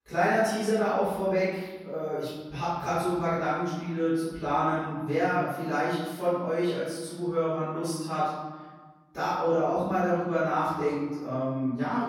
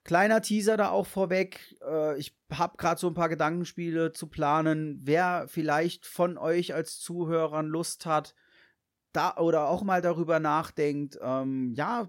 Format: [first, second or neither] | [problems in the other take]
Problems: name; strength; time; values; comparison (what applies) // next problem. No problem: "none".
second | off-mic speech; far // room echo; strong; dies away in 1.3 s